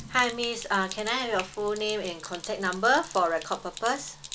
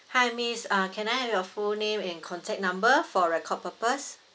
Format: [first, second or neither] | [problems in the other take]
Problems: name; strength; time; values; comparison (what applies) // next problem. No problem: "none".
second | background sound (Sink (filling or washing)); 14 dB below the speech